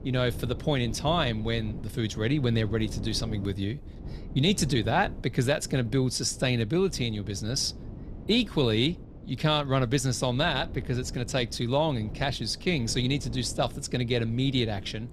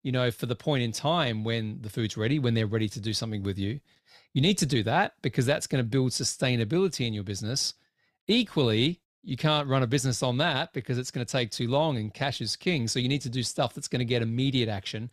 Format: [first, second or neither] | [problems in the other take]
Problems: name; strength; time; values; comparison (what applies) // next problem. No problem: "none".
second | wind noise on the microphone; occasional gusts; 20 dB below the speech